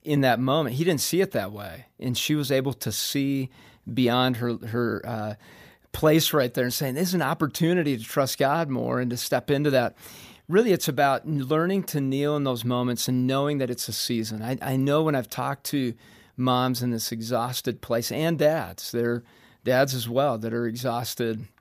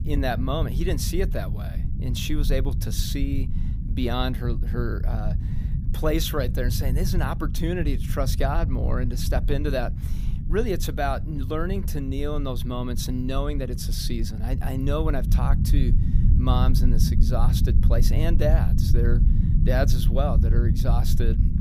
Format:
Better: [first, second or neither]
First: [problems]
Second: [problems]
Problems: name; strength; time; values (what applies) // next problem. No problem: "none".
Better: first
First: none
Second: low rumble; loud; throughout; 9 dB below the speech